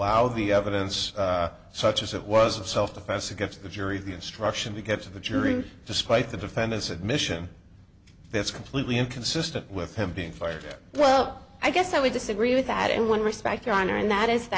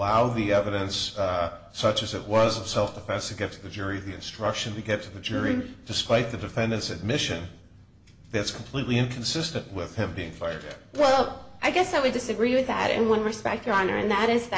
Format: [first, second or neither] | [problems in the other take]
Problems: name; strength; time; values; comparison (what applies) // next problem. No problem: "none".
first | room echo; dies away in 0.6 s